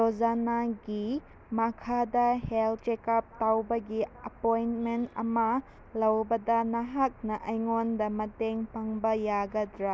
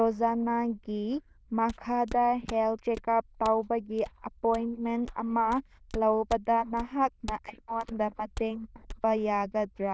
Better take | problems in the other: first | noise reduction (neural diffusion model UNIVERSE++)

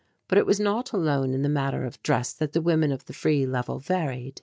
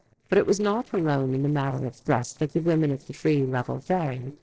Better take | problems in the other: first | noise reduction (neural separator model SepFormer DNS4)

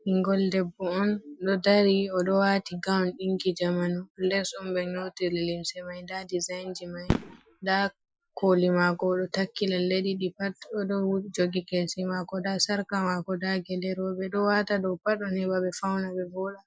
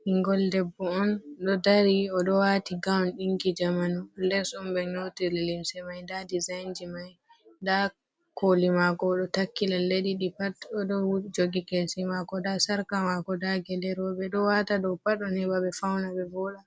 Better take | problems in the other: second | noise reduction (classical method Wiener filter)

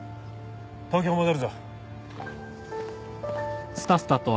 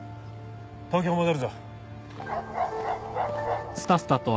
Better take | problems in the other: first | background sound (Bark); 3 dB below the speech

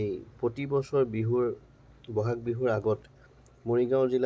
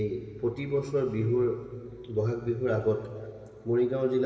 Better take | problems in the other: first | room echo; dies away in 2.5 s

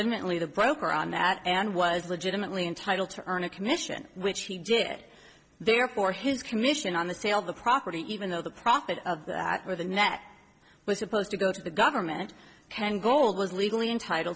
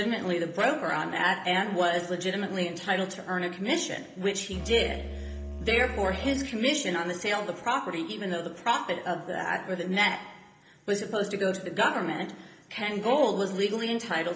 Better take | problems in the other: first | background sound (Musical instrument); 8 dB below the speech // room echo; dies away in 0.8 s

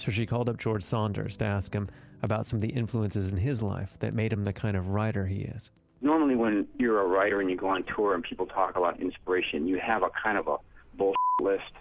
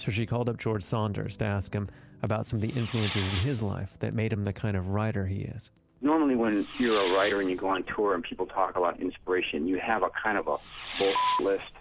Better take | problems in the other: first | background sound (Fireworks); 10 dB below the speech

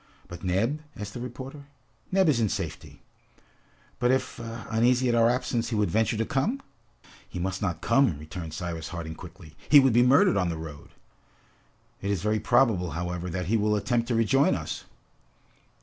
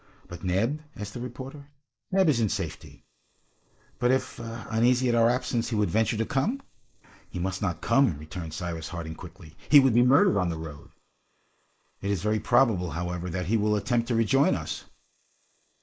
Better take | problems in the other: first | noise reduction (neural mask model Resemble Enhance denoiser)

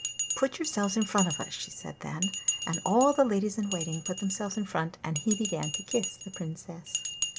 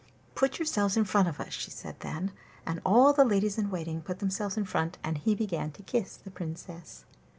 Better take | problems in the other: second | background sound (Bell); 6 dB below the speech

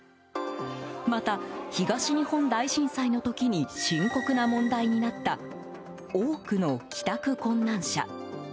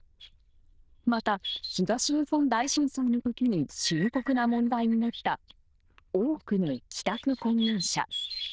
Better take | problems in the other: first | noise reduction (neural diffusion model UNIVERSE++)

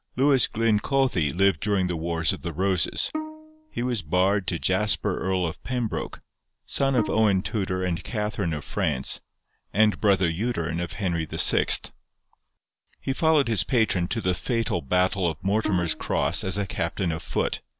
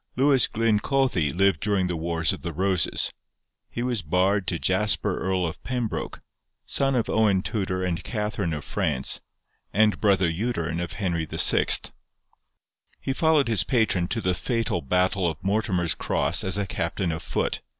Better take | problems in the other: second | background sound (Bowed string instrument); 12 dB below the speech

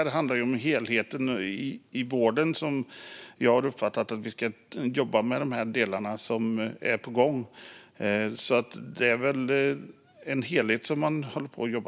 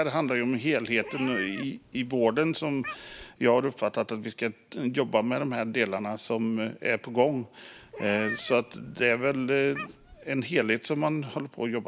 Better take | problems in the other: first | background sound (Meow); 14 dB below the speech

